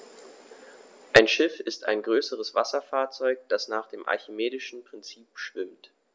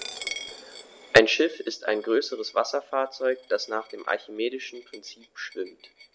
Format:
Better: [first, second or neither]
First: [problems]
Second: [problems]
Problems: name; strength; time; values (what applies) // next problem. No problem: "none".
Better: first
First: none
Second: background sound (Coin (dropping)); 17 dB below the speech